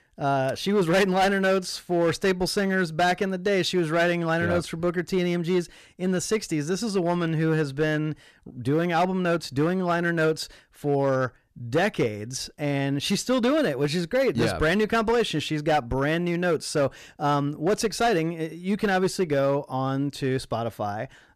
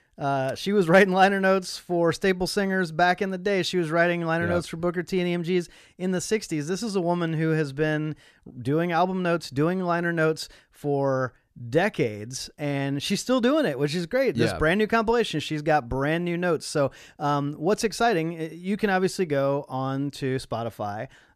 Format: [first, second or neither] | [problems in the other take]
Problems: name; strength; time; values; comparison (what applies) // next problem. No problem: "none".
second | distortion; slight; 6% of the sound clipped